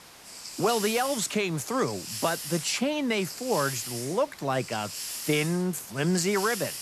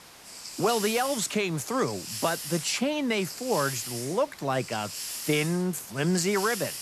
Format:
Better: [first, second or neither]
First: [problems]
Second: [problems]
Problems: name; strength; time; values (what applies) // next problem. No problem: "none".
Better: neither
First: hiss; loud; throughout; 8 dB below the speech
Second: hiss; loud; throughout; 8 dB below the speech